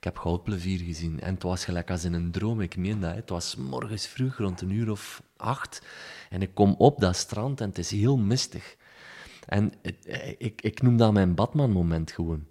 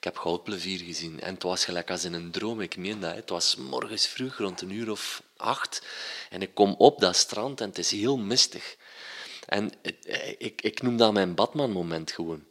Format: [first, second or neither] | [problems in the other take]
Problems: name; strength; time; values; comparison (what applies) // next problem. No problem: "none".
first | thin; somewhat; fading below 350 Hz